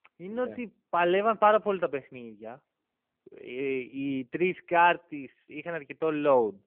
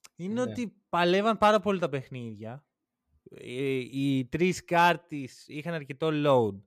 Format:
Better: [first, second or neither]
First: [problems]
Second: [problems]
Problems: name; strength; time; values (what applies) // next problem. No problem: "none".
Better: second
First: phone-call audio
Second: none